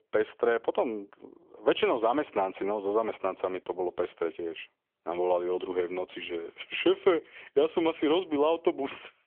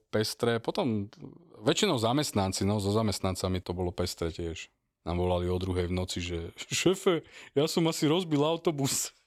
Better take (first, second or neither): second